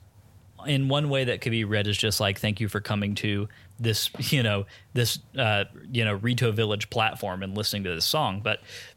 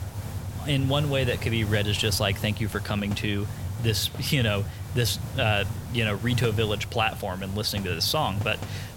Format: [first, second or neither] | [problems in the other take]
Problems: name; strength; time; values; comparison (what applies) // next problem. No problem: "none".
first | hiss; loud; throughout; 8 dB below the speech; faint in the first